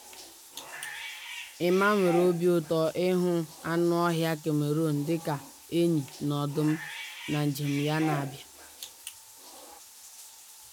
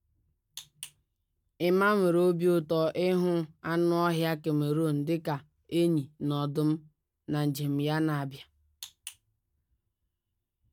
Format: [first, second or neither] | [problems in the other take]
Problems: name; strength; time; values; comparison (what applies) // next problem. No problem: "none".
second | background sound (Bathtub (filling or washing) / Cat); 14 dB below the speech